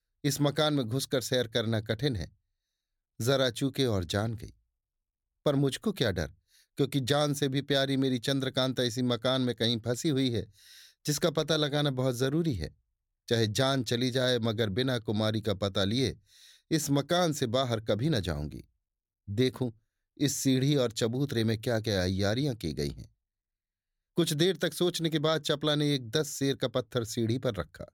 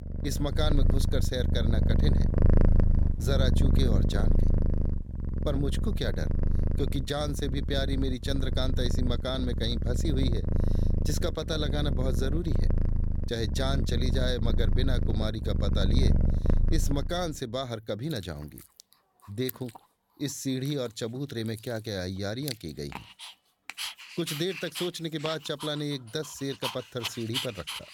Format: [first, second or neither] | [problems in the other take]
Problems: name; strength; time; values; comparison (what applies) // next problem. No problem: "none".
first | animal sounds; very loud; throughout; 4 dB above the speech